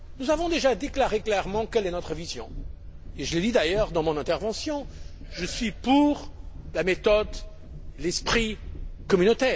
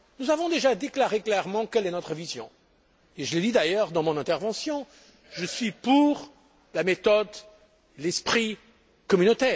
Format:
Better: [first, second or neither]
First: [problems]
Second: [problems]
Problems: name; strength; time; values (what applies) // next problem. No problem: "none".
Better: second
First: background sound (Train); 11 dB below the speech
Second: none